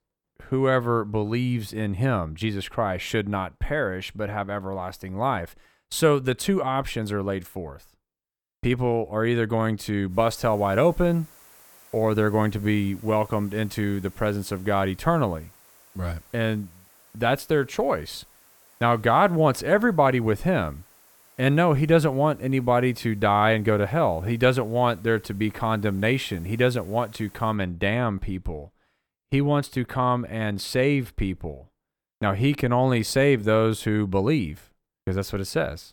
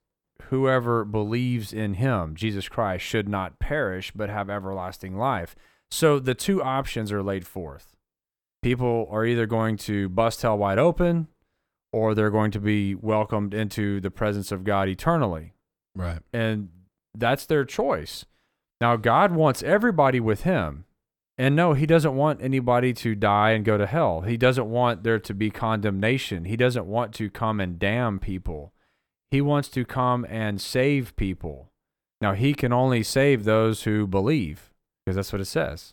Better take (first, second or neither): second